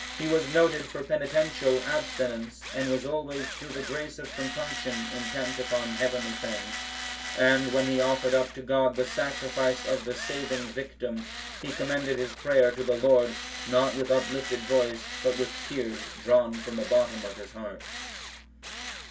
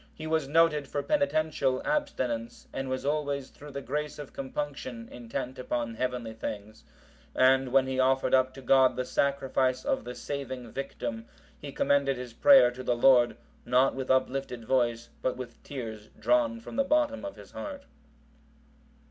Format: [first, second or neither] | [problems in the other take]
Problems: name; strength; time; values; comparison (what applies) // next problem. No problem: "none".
second | background sound (Tools); 10 dB below the speech // room echo; dies away in 0.2 s